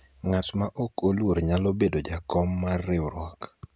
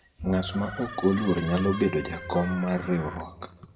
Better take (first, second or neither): first